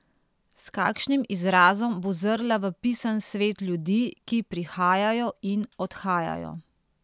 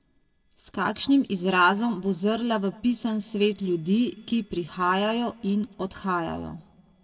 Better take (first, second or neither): first